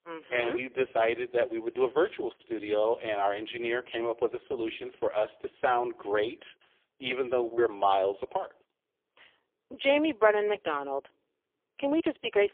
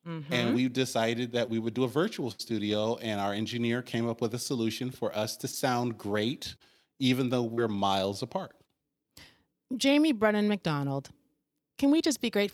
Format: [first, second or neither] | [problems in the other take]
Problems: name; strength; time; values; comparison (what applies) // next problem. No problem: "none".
second | phone-call audio; poor line; nothing above 3.5 kHz